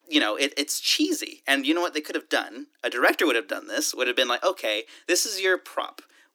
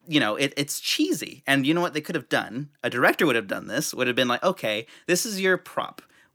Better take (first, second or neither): second